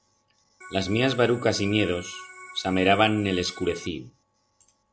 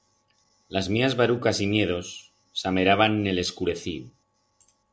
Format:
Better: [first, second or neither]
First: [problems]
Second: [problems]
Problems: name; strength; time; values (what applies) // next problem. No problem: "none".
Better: second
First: background sound (Organ); 17 dB below the speech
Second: none